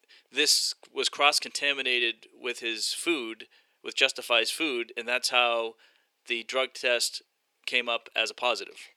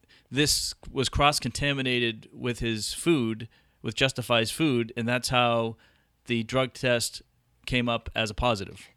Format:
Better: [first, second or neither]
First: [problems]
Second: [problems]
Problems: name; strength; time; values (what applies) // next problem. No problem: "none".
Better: second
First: thin; very; fading below 400 Hz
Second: none